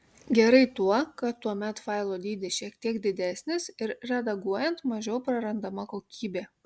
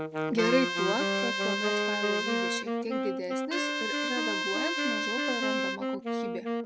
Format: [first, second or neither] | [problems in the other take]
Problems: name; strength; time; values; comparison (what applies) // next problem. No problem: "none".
first | background sound (Wind instrument, woodwind instrument + Trumpet); 4 dB above the speech